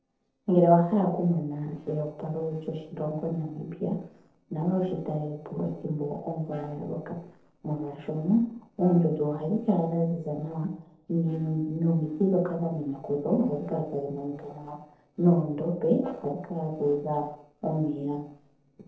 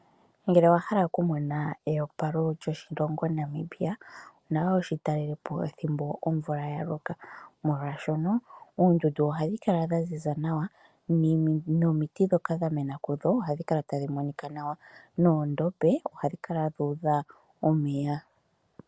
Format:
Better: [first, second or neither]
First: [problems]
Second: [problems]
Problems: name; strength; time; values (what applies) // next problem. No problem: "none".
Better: second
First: noise reduction (neural separator model SepFormer DNS4)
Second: none